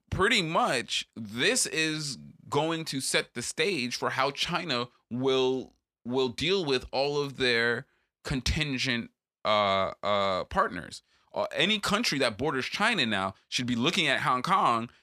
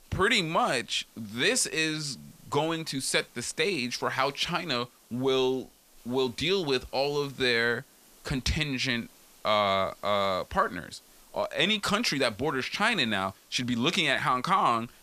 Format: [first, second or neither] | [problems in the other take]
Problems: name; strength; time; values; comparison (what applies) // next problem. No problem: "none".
first | hiss; faint; throughout; 30 dB below the speech